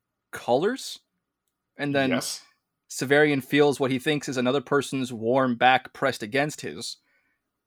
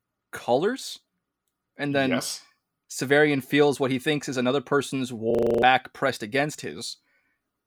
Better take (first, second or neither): first